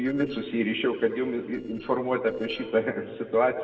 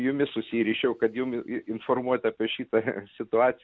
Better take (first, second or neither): second